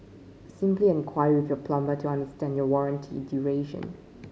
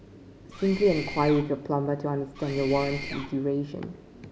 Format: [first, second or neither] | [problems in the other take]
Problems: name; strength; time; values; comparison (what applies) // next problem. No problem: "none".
first | background sound (Mechanisms); 11 dB below the speech